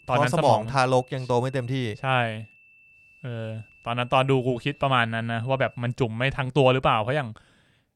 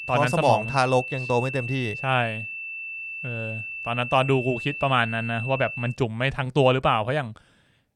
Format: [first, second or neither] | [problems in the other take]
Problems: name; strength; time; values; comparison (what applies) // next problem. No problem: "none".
first | high-pitched whine; loud; until 6 s; 2.5 kHz, 8 dB below the speech; faint in the first